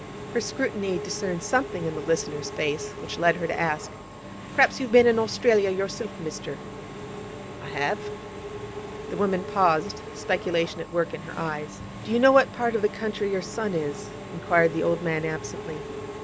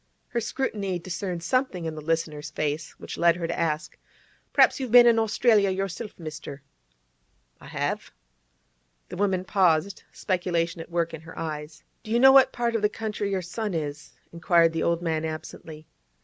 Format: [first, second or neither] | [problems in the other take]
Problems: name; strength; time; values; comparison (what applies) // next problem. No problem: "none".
second | background sound (Engine / Mechanisms); 10 dB below the speech